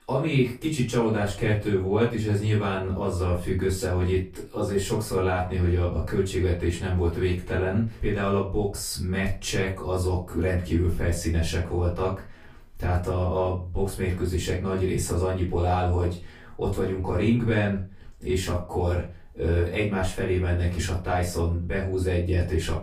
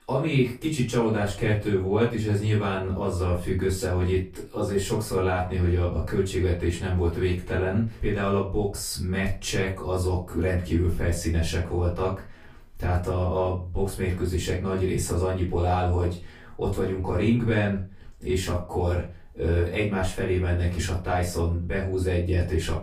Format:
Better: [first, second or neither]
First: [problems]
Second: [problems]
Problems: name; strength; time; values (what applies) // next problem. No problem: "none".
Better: neither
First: off-mic speech; far // room echo; slight; dies away in 0.3 s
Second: off-mic speech; far // room echo; slight; dies away in 0.3 s